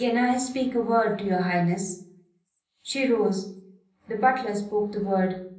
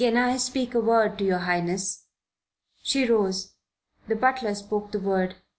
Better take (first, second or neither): second